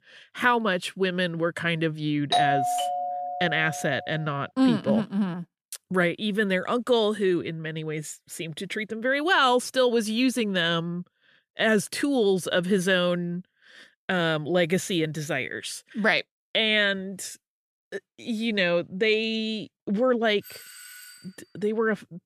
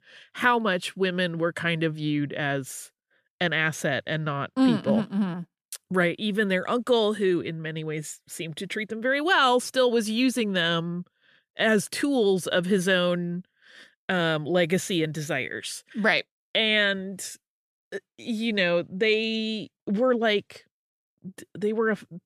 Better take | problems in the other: second | doorbell; loud; from 2.5 to 4 s; peak 2 dB above the speech // doorbell; faint; at 20 s; peak 15 dB below the speech

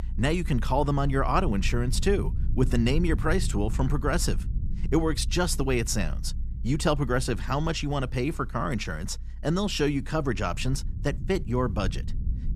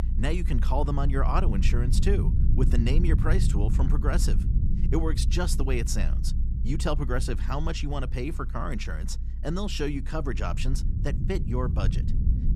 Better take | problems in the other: first | low rumble; loud; throughout; 10 dB below the speech; faint in the first

